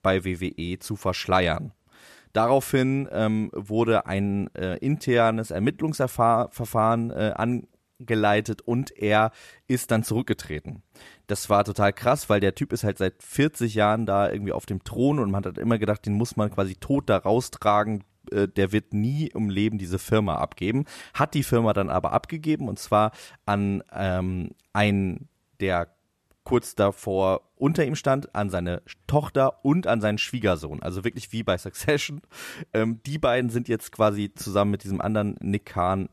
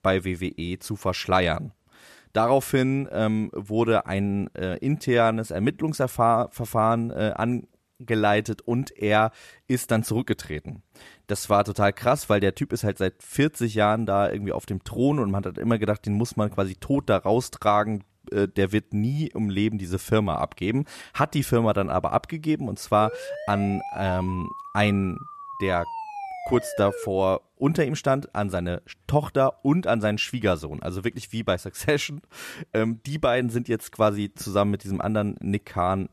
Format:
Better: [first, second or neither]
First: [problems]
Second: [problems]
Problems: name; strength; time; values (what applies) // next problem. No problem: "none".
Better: first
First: none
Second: siren; noticeable; from 23 to 27 s; peak 9 dB below the speech